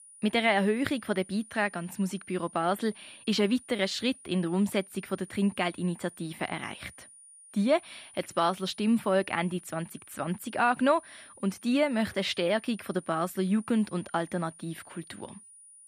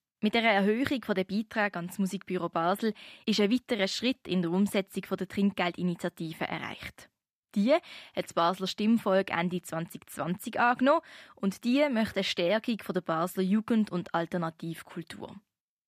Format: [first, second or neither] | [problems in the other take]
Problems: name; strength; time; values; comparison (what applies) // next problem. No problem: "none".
second | high-pitched whine; faint; throughout; 9.5 kHz, 20 dB below the speech